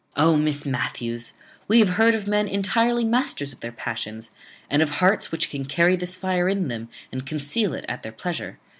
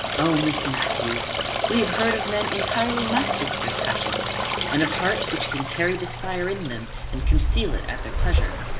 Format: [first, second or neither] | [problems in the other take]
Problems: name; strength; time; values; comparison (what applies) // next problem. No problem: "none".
first | background sound (Stream); 2 dB above the speech // room echo; dies away in 0.4 s